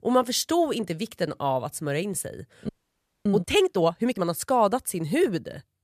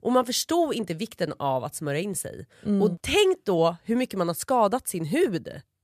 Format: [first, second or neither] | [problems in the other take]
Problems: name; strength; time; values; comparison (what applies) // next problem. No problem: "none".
second | audio freezing; at 2.5 s for 0.5 s